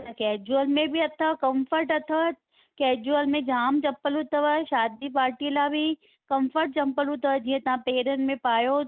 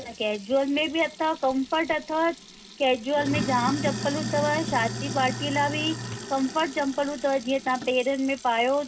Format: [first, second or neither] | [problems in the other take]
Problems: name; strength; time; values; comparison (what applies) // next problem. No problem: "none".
first | background sound (Sink (filling or washing)); 9 dB below the speech // room echo; dies away in 0.2 s